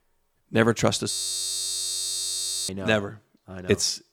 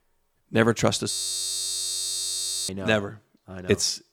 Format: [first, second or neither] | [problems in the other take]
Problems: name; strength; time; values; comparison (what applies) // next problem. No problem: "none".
neither | audio freezing; at 1 s for 1.5 s; the same in both